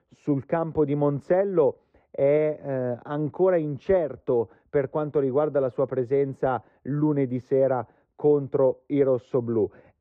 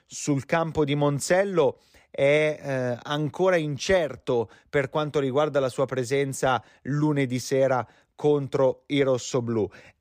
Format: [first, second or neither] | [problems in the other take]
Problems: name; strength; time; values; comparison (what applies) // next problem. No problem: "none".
second | muffled; very; fading above 3 kHz